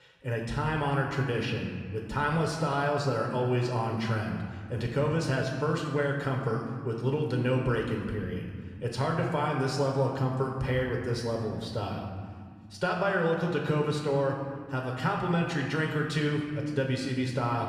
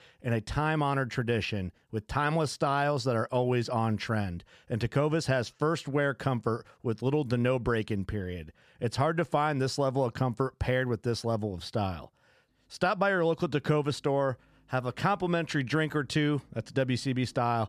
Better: second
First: room echo; noticeable; dies away in 1.6 s // off-mic speech; somewhat distant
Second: none

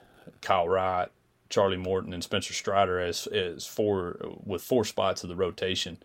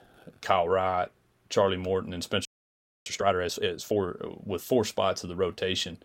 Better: first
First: none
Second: audio freezing; at 2.5 s for 0.5 s

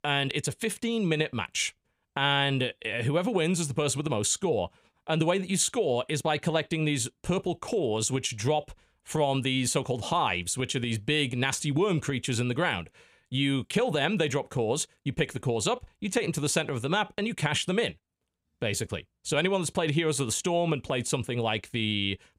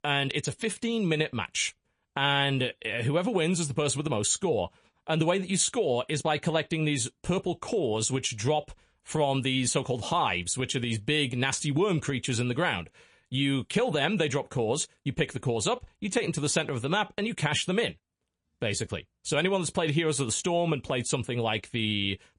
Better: first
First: none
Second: garbled, watery; slightly; nothing above 10.5 kHz

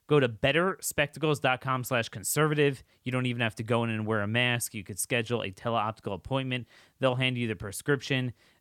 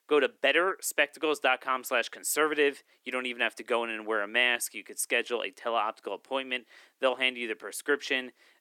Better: first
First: none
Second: thin; somewhat; fading below 300 Hz

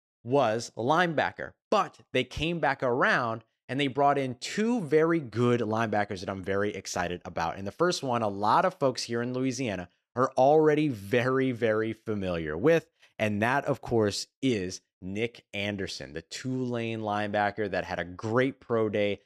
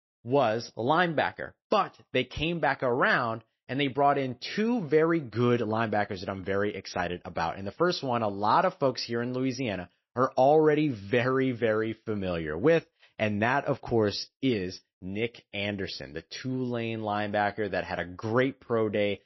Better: first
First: none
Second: garbled, watery; slightly; nothing above 5.5 kHz

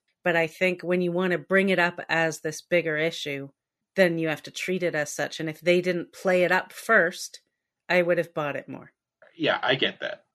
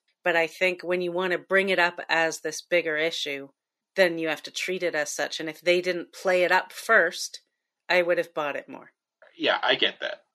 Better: first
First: none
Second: thin; somewhat; fading below 300 Hz

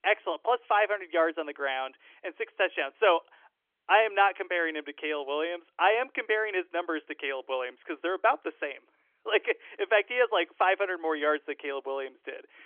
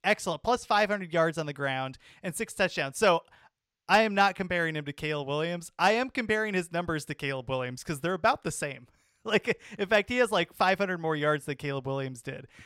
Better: second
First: phone-call audio; nothing above 3.5 kHz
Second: none

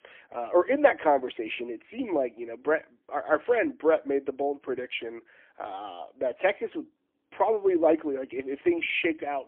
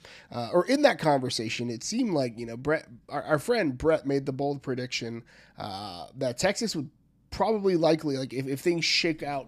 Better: second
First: phone-call audio; poor line; nothing above 3 kHz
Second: none

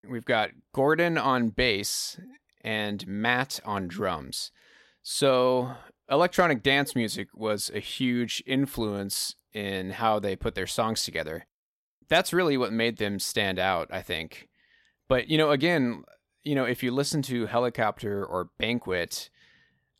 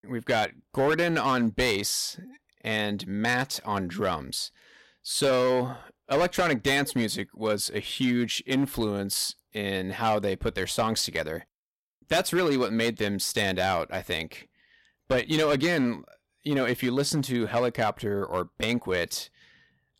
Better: first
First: none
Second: distortion; slight; 5% of the sound clipped

